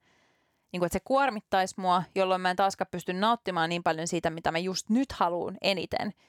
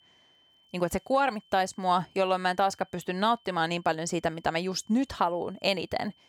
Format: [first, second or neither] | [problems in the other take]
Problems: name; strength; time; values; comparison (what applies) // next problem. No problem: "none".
first | high-pitched whine; faint; throughout; 3 kHz, 30 dB below the speech